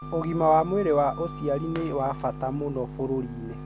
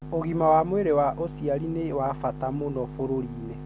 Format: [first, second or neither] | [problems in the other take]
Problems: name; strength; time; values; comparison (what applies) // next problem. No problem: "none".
second | background sound (Wind instrument, woodwind instrument + Shatter); 19 dB below the speech